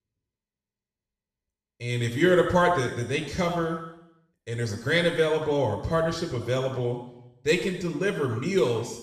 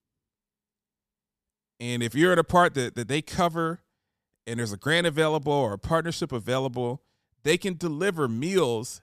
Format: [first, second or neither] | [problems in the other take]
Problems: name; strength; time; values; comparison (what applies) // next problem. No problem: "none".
second | room echo; noticeable; dies away in 0.9 s // off-mic speech; somewhat distant